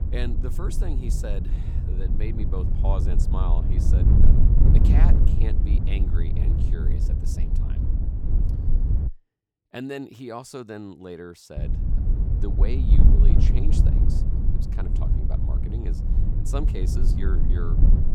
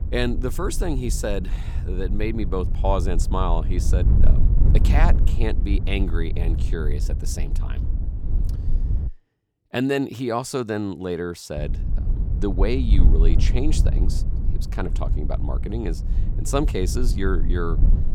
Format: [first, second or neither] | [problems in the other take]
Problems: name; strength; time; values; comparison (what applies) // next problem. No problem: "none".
second | wind noise on the microphone; heavy; until 9 s and from 12 s on; as loud as the speech; occasional gusts in the second